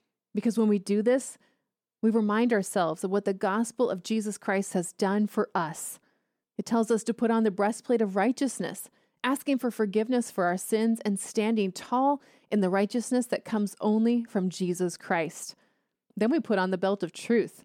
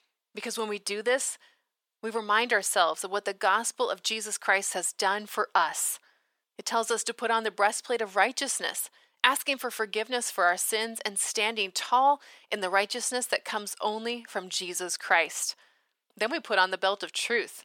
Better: first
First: none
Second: thin; very; fading below 900 Hz

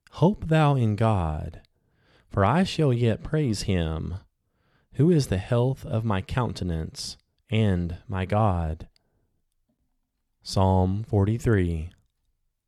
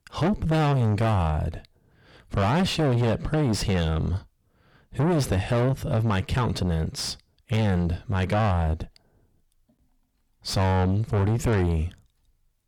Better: first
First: none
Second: distortion; heavy; 5 dB below the speech

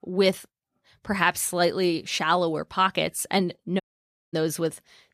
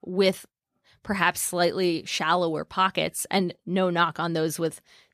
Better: second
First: audio cutting out; at 4 s for 0.5 s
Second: none

